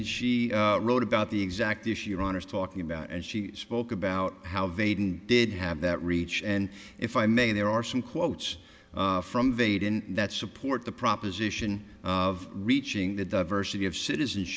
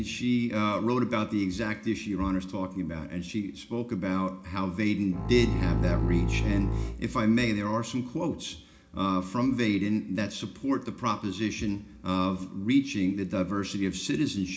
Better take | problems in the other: first | background sound (Bowed string instrument); as loud as the speech // room echo; dies away in 0.4 s

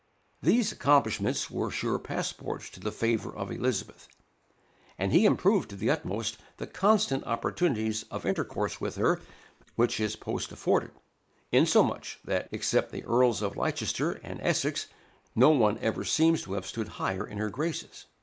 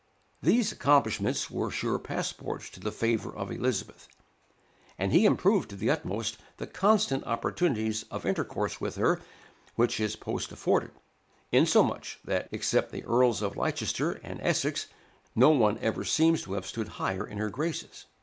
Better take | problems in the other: second | noise reduction (neural mask model Resemble Enhance denoiser)

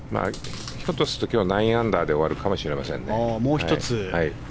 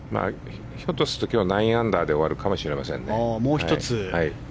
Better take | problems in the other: second | background sound (Chewing, mastication); 15 dB below the speech

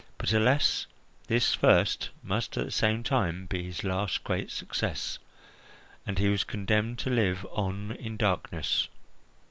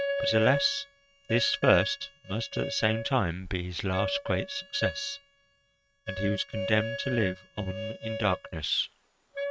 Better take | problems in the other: first | noise reduction (neural mask model RNNoise)

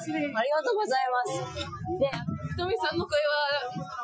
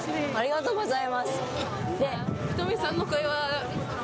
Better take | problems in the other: second | noise reduction (classical method Wiener filter)

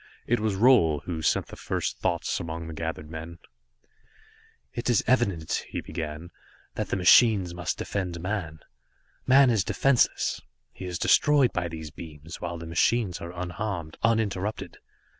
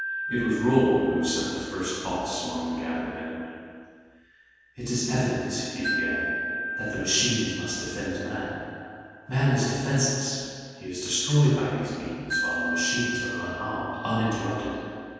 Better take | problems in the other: first | background sound (Wind chime); 8 dB below the speech // room echo; dies away in 2.1 s

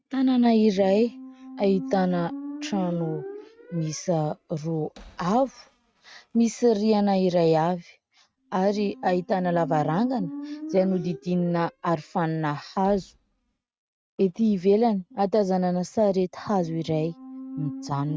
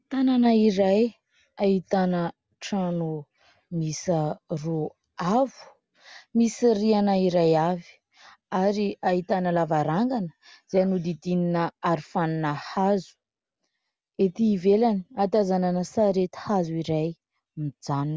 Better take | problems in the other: second | noise reduction (neural mask model RNNoise)

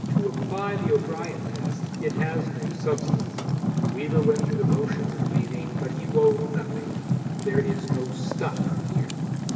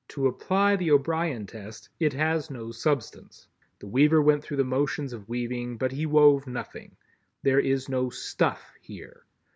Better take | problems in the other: second | background sound (Fire); 3 dB above the speech // room echo; dies away in 2.3 s

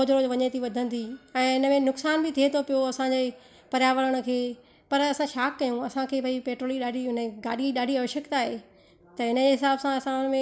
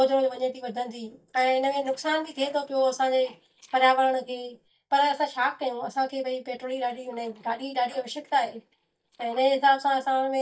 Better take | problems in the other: first | noise reduction (neural mask model DeepFilterNet 3)

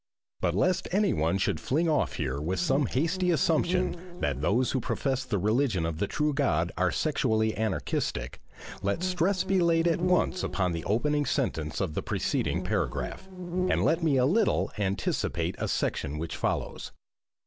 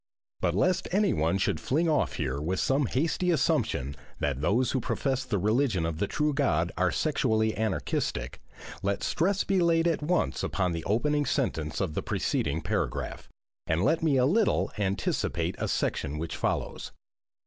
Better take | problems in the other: second | background sound (Insect); 8 dB below the speech

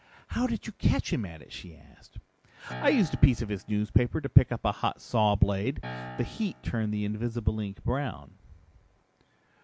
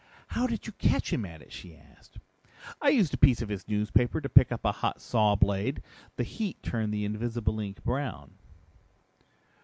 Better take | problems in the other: second | background sound (Piano); 14 dB below the speech

